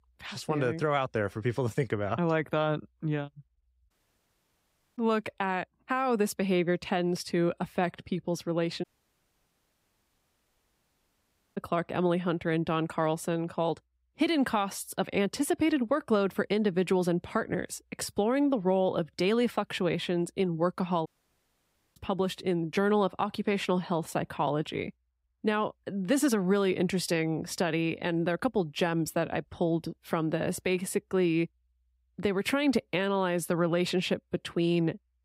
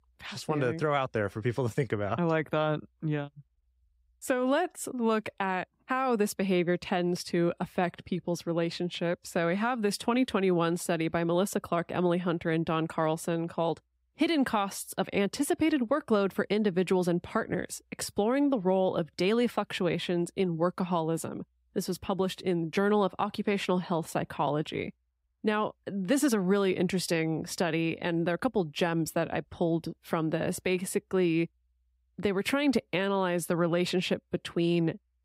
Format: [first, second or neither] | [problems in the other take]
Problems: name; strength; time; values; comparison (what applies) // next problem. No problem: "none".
second | audio cutting out; at 4 s for 1 s, at 9 s for 2.5 s and at 21 s for 1 s